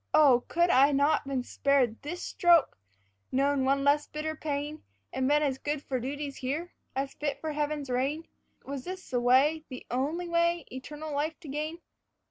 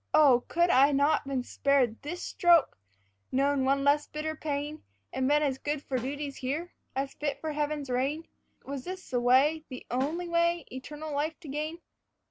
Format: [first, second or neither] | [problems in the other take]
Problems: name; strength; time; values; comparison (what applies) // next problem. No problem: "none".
first | background sound (Snare drum); 20 dB below the speech